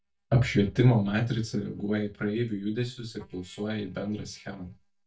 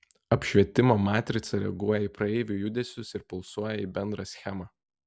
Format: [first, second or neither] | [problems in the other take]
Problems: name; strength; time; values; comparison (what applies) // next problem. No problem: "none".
second | noise reduction (neural mask model DeepFilterNet 3)